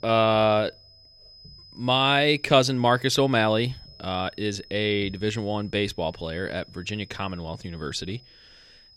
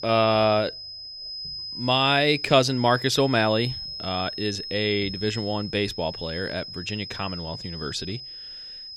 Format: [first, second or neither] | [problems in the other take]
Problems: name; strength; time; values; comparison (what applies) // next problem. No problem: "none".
first | high-pitched whine; loud; throughout; 5 kHz, 9 dB below the speech; faint in the first